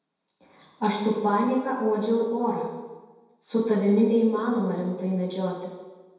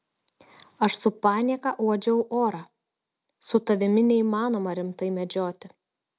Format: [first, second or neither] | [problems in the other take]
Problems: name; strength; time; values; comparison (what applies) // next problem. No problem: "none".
second | room echo; dies away in 1.1 s